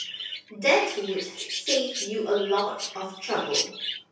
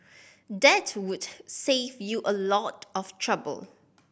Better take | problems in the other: second | background sound (Chirp, tweet); 6 dB below the speech // room echo; dies away in 0.6 s

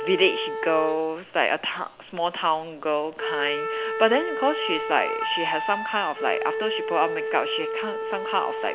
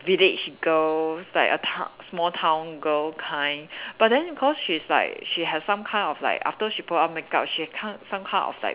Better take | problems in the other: second | background sound (Wind instrument, woodwind instrument); 4 dB below the speech

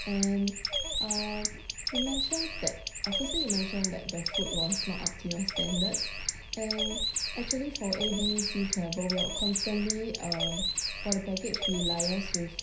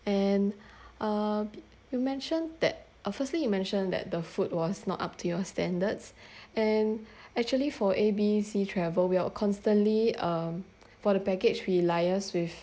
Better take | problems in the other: second | background sound (Bird); 1 dB above the speech // room echo; dies away in 0.5 s

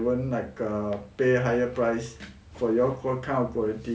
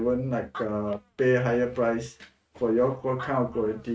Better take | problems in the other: first | noise reduction (neural mask model RNNoise)

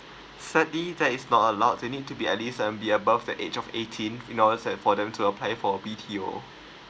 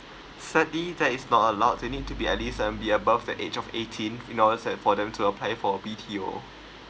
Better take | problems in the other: first | background sound (Stream); 17 dB below the speech

